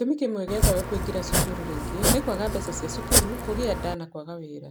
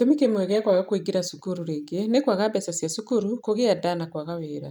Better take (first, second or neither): second